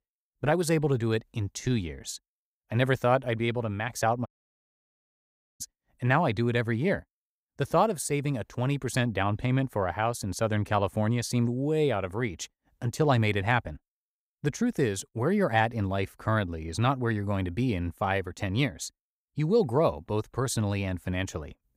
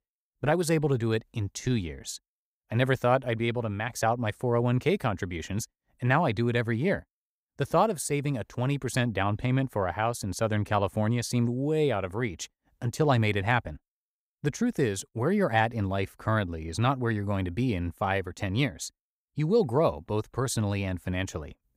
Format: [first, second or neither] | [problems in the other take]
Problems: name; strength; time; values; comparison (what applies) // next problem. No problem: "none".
second | audio cutting out; at 4.5 s for 1.5 s